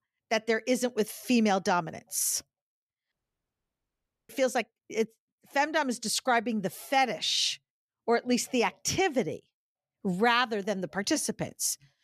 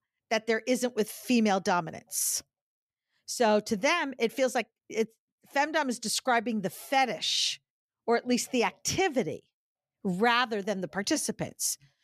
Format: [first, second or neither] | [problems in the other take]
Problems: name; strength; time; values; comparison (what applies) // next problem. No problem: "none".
second | audio cutting out; at 3 s for 1 s